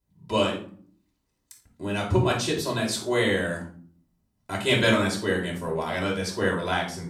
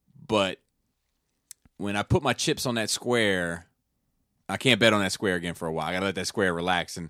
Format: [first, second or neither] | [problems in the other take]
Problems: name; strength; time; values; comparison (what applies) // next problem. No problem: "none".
second | off-mic speech; far // room echo; slight; dies away in 0.4 s